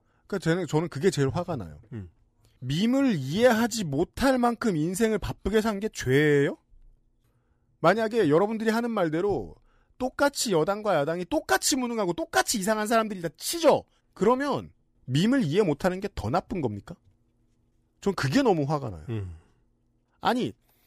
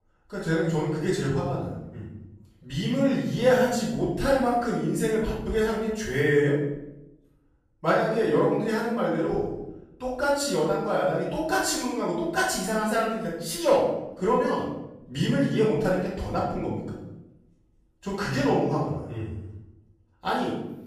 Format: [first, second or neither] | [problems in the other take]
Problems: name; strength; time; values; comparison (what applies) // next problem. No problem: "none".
first | off-mic speech; far // room echo; noticeable; dies away in 0.8 s